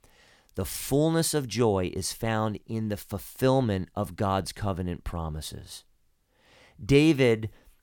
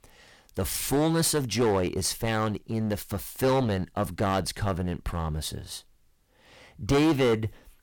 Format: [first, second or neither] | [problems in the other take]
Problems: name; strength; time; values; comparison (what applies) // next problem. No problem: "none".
first | distortion; heavy; 9% of the sound clipped